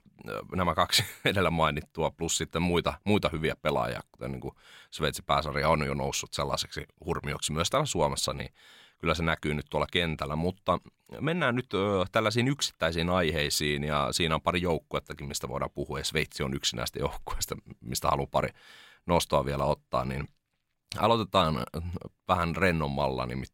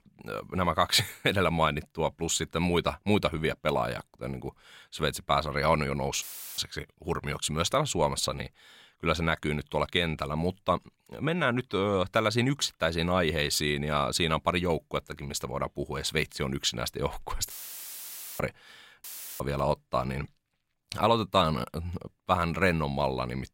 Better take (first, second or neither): first